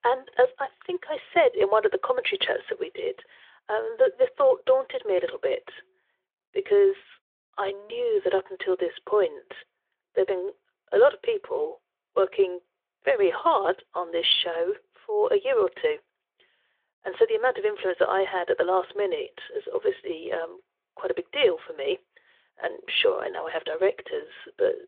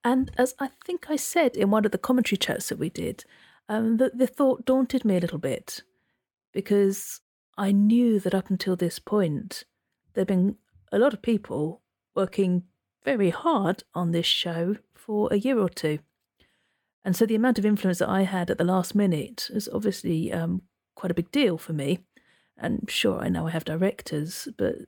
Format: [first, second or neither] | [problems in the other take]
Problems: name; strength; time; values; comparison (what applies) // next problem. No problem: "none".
second | phone-call audio; nothing above 3.5 kHz